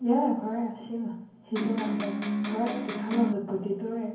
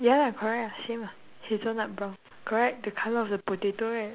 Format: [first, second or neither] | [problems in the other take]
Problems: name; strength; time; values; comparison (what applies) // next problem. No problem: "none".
second | background sound (Electric guitar); 1 dB below the speech // room echo; dies away in 0.9 s